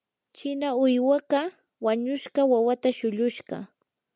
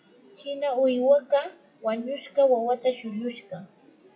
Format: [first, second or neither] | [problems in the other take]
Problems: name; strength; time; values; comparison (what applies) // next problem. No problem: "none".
first | noise reduction (classical method WPE with log-MMSE)